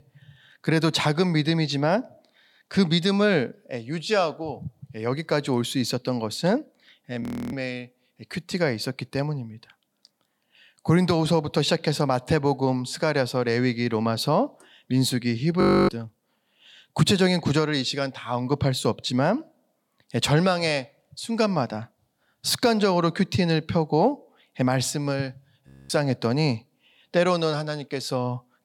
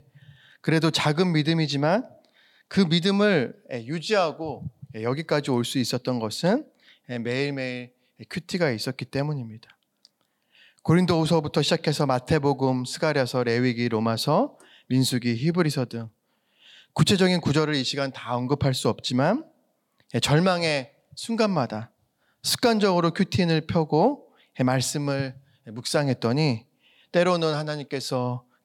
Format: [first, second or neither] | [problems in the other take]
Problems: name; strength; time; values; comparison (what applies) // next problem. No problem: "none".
second | audio freezing; at 7 s, at 16 s and at 26 s